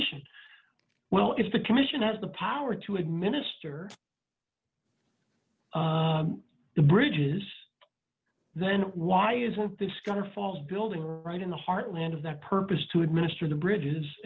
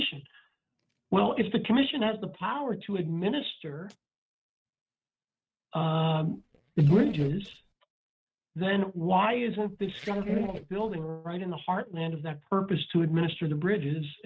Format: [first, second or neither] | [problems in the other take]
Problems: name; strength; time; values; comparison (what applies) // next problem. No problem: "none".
first | noise reduction (neural mask model RNNoise)